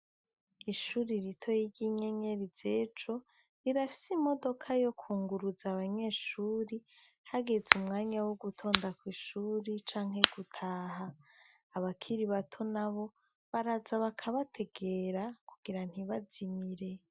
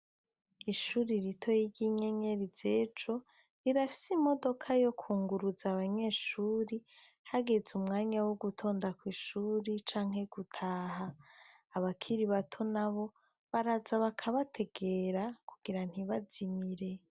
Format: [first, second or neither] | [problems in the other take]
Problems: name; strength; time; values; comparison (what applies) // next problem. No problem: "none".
second | noise reduction (classical method Wiener filter)